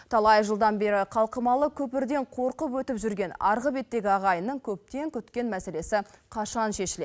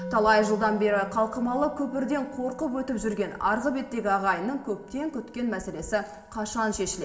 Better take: first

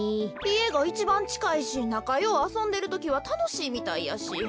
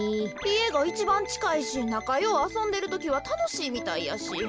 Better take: first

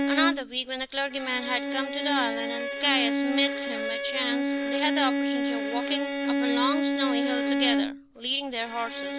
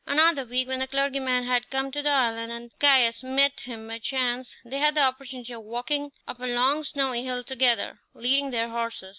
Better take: second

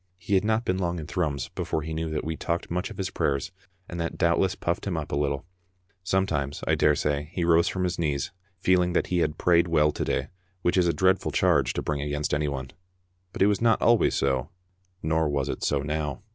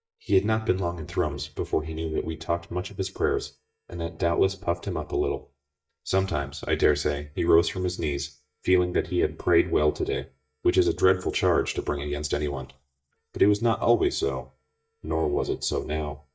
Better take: first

